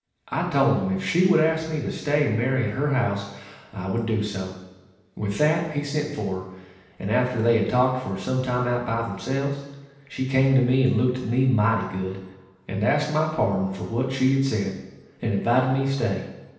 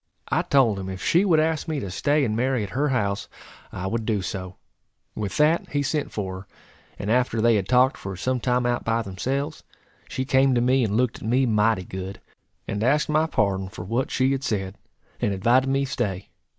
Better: second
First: room echo; dies away in 0.9 s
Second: none

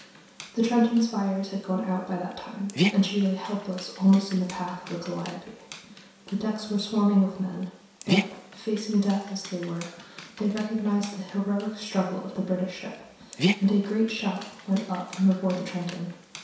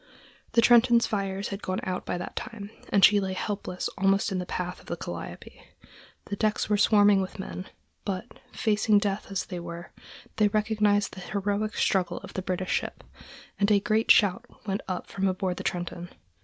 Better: second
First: background sound (Dog); 8 dB below the speech // room echo; dies away in 0.7 s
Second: none

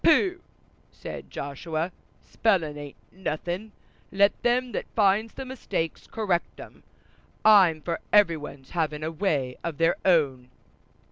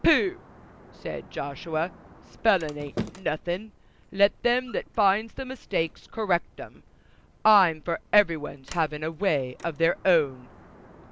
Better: first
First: none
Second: background sound (Sliding door); 19 dB below the speech

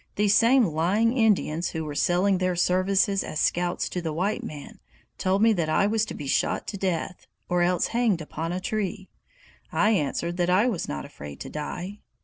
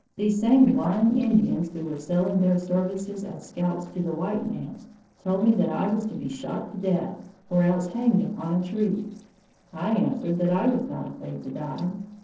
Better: first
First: none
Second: noise reduction (neural separator model SepFormer DNS4)

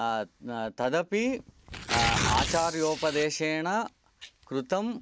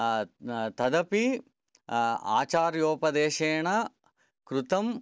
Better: second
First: background sound (Tearing); 5 dB below the speech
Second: none

